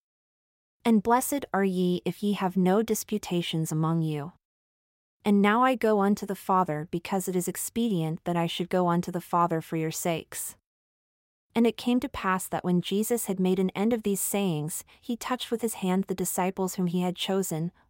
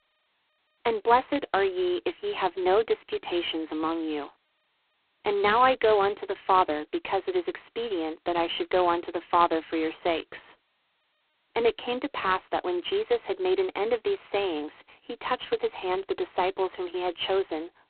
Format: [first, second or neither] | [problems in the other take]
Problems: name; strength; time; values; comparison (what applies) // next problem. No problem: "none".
first | phone-call audio; poor line; nothing above 4 kHz